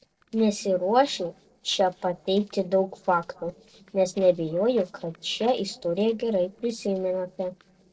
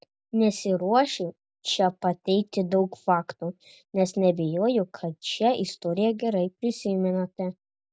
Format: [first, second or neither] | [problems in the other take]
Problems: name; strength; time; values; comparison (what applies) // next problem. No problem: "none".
second | noise reduction (neural separator model SepFormer DNS4)